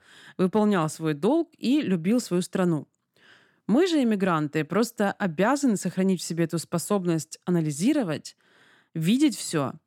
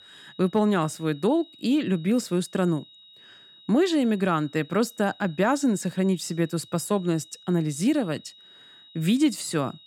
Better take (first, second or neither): first